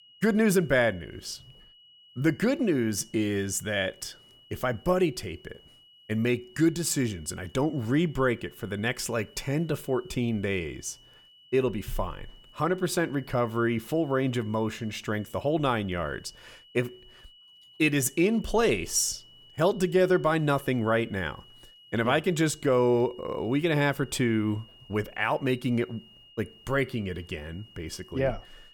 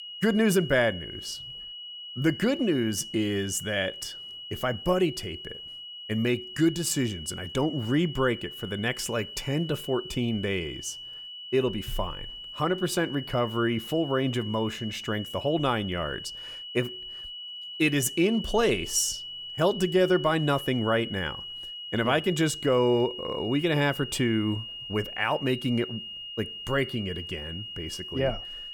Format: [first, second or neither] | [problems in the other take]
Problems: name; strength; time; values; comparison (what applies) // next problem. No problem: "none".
first | high-pitched whine; loud; throughout; 3 kHz, 10 dB below the speech; faint in the first